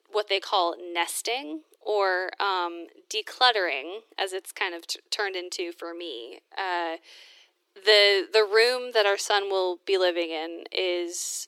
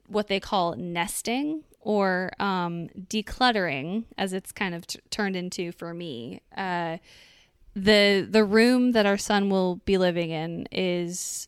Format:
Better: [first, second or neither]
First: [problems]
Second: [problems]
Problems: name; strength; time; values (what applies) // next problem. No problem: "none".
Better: second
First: thin; very; fading below 350 Hz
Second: none